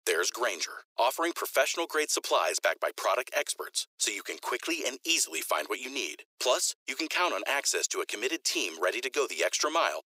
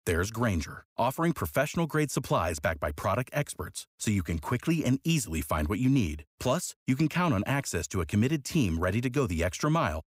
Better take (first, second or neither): second